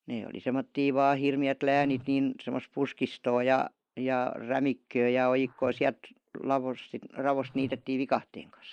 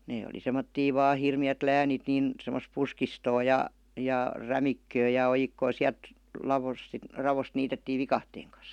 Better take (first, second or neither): second